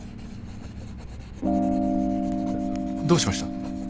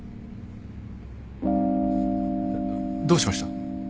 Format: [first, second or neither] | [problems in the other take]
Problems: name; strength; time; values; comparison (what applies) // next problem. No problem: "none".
second | background sound (Writing); 16 dB below the speech